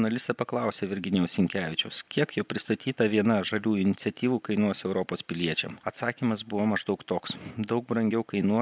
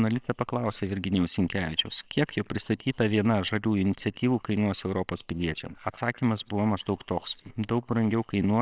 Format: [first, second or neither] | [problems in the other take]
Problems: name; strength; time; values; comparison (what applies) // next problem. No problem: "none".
first | noise reduction (neural separator model SepFormer WHAMR!)